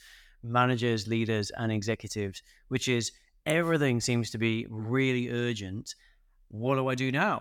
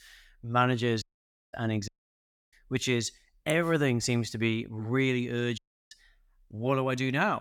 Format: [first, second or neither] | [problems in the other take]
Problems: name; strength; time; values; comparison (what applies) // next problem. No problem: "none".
first | audio cutting out; at 1 s for 0.5 s, at 2 s for 0.5 s and at 5.5 s